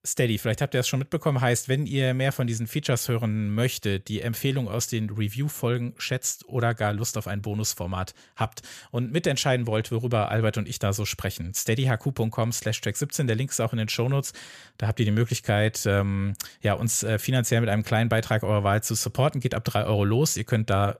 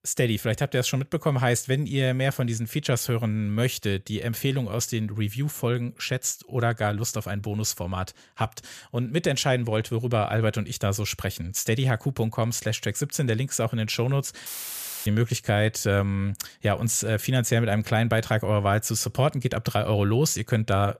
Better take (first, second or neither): first